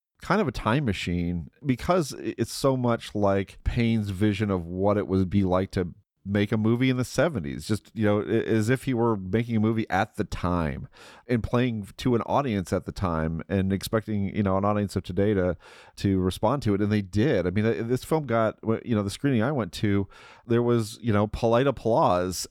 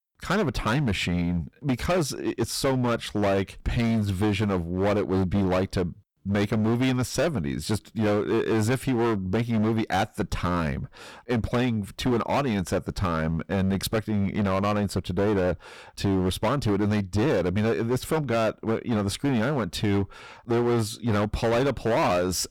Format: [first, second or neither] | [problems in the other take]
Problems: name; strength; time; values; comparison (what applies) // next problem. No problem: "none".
first | distortion; heavy; 18% of the sound clipped